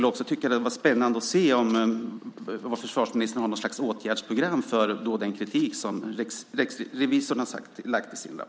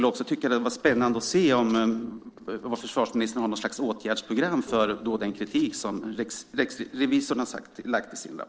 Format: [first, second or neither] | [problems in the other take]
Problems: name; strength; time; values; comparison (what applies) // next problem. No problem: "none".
first | noise reduction (neural separator model SepFormer DNS4)